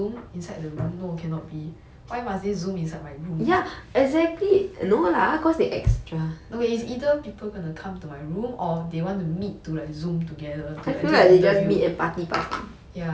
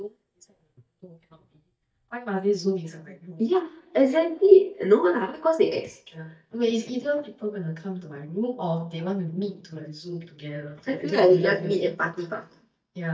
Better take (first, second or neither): first